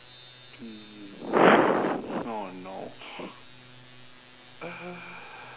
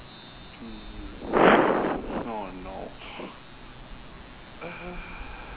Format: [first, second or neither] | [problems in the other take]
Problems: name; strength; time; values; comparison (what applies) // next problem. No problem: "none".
first | background sound (Gull, seagull / Ocean); 15 dB below the speech